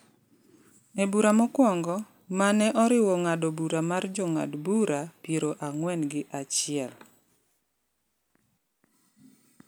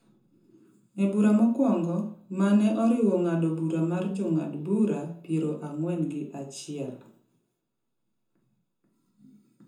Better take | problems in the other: first | room echo; dies away in 0.5 s

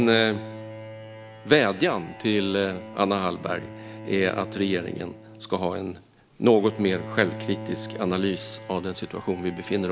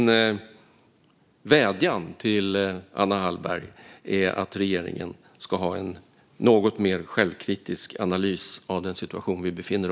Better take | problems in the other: second | background sound (Bowed string instrument); 13 dB below the speech

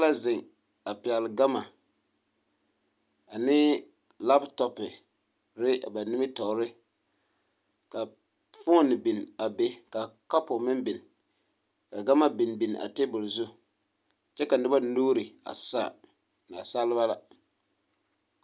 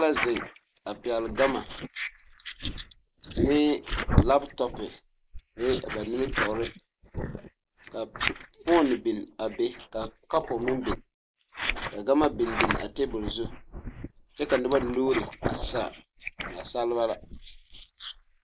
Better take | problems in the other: first | noise reduction (neural mask model Resemble Enhance denoiser)

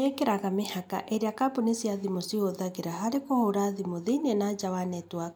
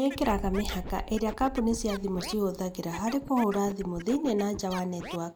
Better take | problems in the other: first | background sound (Scratching (performance technique) + Boom); 10 dB below the speech

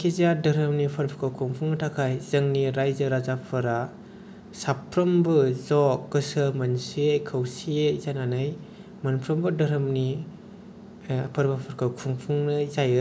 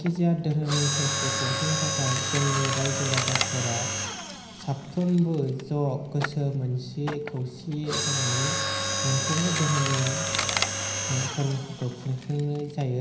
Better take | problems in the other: first | background sound (Mechanisms); 2 dB below the speech // room echo; dies away in 0.9 s

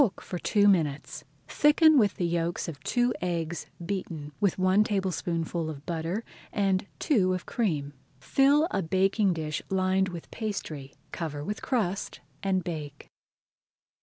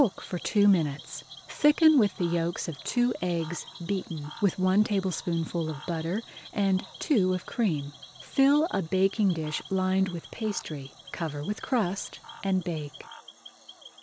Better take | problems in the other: first | background sound (Cricket / Frog); 20 dB below the speech

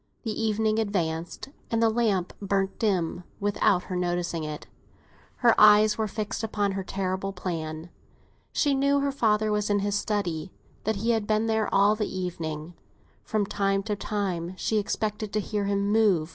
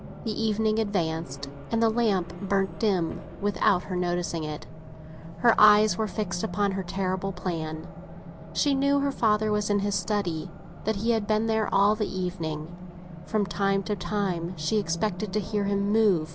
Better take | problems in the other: first | background sound (Race car, auto racing); 12 dB below the speech

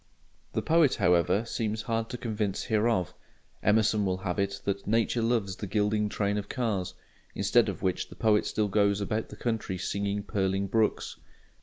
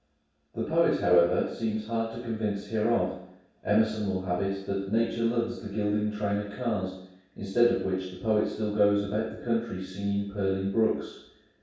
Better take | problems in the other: first | room echo; dies away in 0.7 s

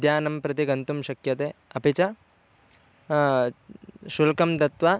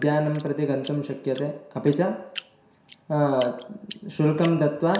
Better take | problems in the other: first | background sound (Drip); 19 dB below the speech // room echo; dies away in 0.7 s

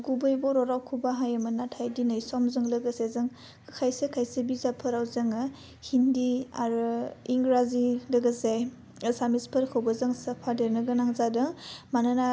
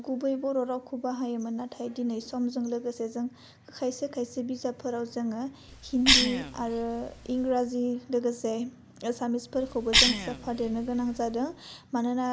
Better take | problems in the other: first | background sound (Cough); as loud as the speech

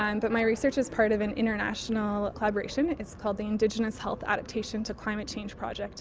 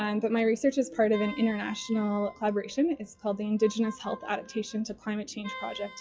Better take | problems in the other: first | noise reduction (classical method WPE with log-MMSE)

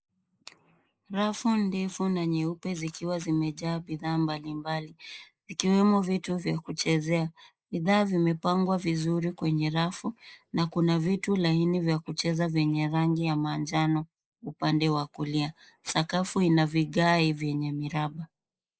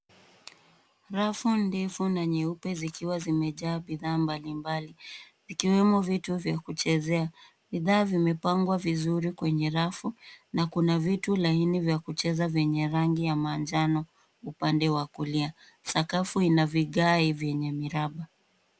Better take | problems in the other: second | noise reduction (neural mask model Resemble Enhance denoiser)

